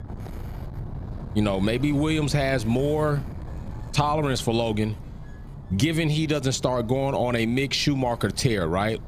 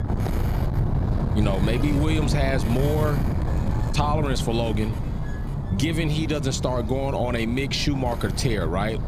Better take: first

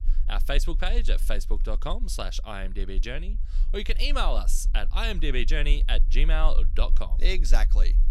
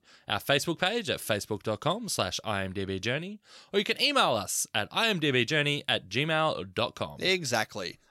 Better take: second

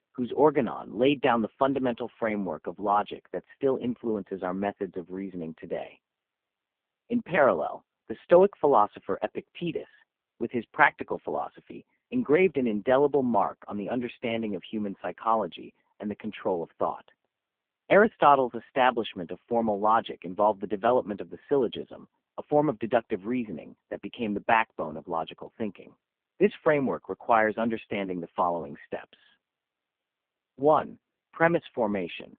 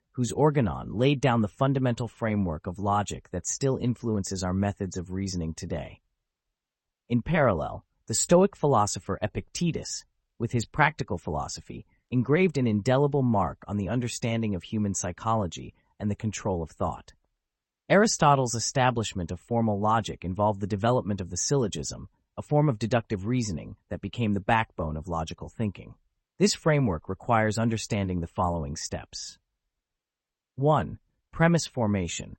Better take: second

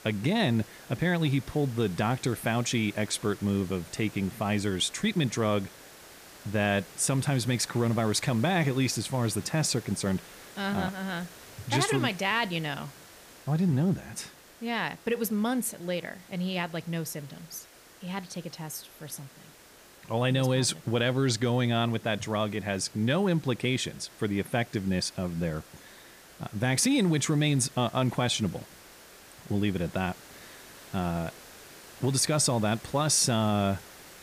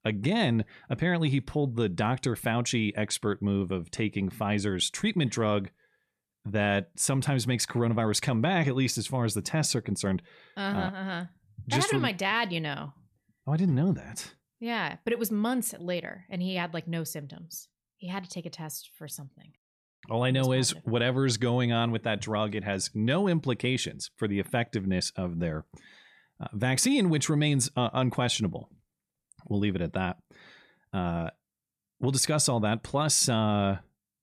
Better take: second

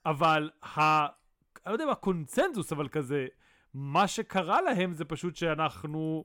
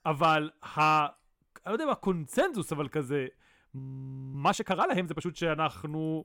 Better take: first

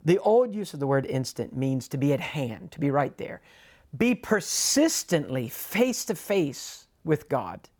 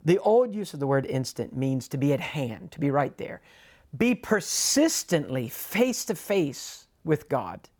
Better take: neither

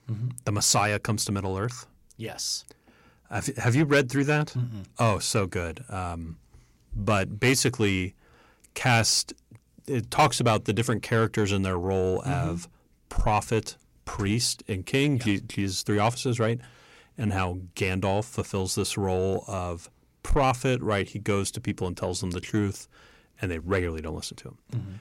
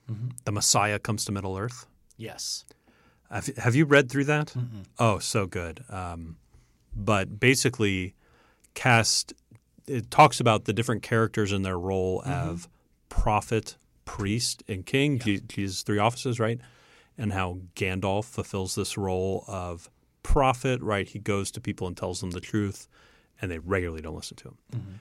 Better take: second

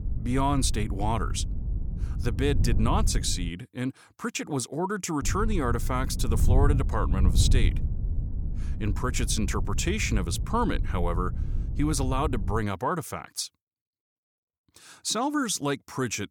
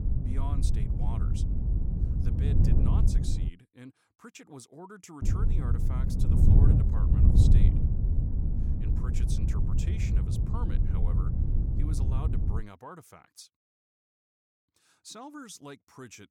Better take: first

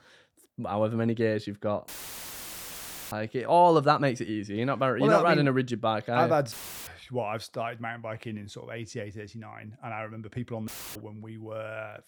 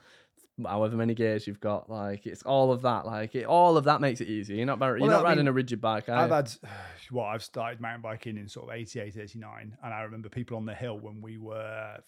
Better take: second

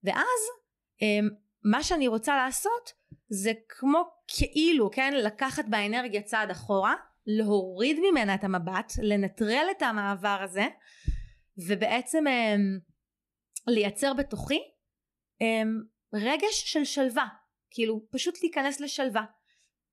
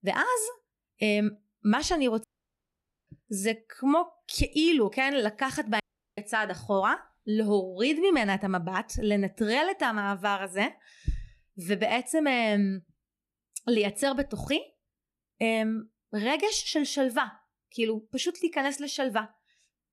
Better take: first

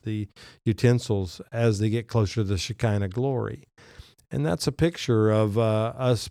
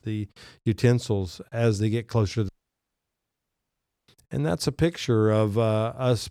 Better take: first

